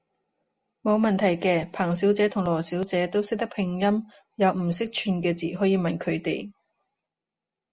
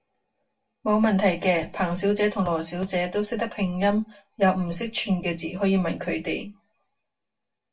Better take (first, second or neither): first